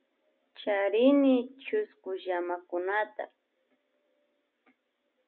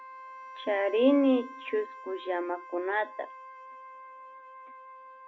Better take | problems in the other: first | background sound (Wind instrument, woodwind instrument); 15 dB below the speech

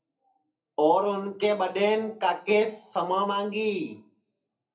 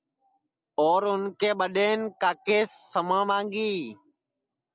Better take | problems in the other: second | room echo; dies away in 0.3 s

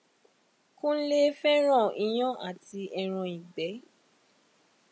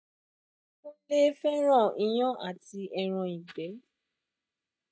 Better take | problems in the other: first | noise reduction (neural mask model DeepFilterNet 3)

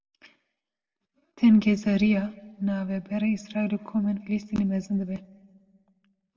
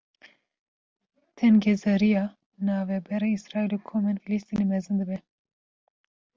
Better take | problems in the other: second | room echo; dies away in 0.8 s

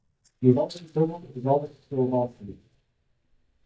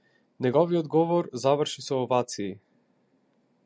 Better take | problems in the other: second | noise reduction (neural mask model DeepFilterNet 3)

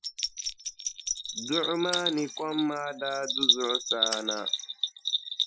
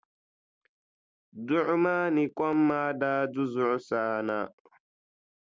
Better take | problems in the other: second | noise reduction (classical method Wiener filter)

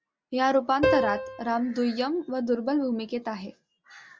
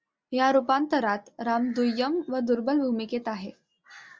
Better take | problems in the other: second | background sound (Piano); 5 dB below the speech

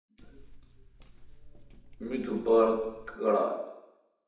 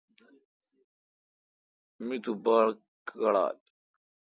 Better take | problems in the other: second | background sound (Walk, footsteps); 18 dB below the speech // room echo; dies away in 0.8 s

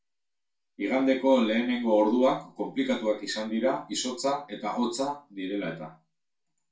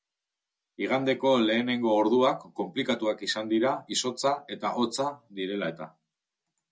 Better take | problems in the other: second | room echo; dies away in 0.3 s

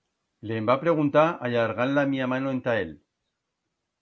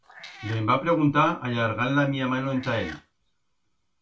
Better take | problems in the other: first | background sound (Meow); 17 dB below the speech // room echo; dies away in 0.2 s

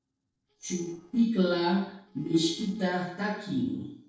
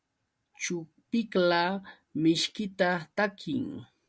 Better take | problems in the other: second | noise reduction (neural separator model SepFormer DNS4)

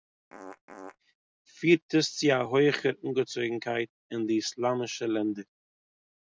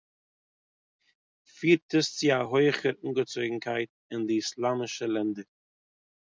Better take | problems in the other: second | background sound (Fart); 16 dB below the speech

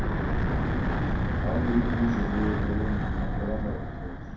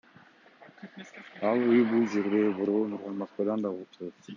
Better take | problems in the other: second | background sound (Wind / Breathing); 5 dB above the speech // room echo; dies away in 0.6 s

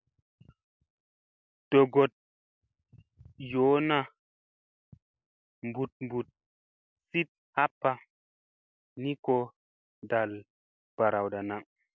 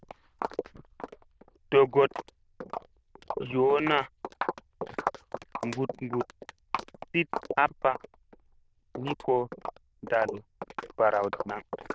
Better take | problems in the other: first | noise reduction (neural diffusion model UNIVERSE++)

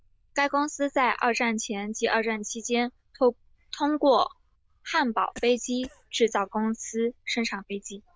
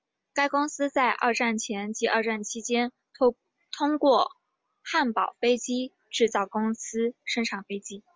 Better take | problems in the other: second | noise reduction (neural diffusion model UNIVERSE++)

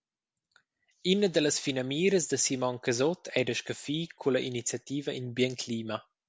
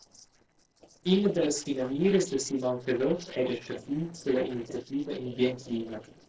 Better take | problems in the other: first | noise reduction (neural separator model SepFormer DNS4)

